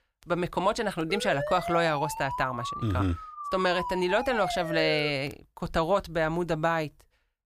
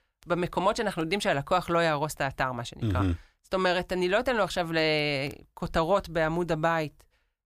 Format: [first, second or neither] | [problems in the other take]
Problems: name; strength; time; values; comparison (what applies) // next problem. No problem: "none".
second | siren; noticeable; from 1 to 5 s; peak 5 dB below the speech